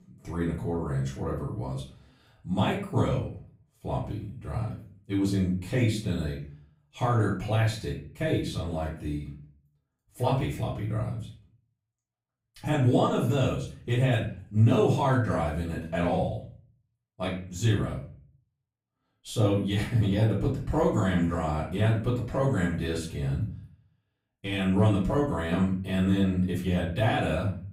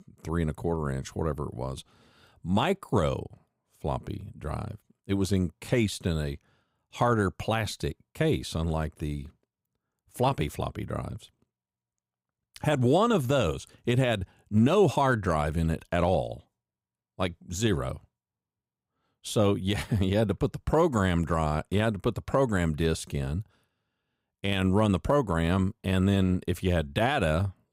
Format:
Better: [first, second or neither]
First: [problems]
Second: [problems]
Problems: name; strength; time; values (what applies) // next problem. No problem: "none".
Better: second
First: room echo; slight; dies away in 0.4 s // off-mic speech; far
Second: none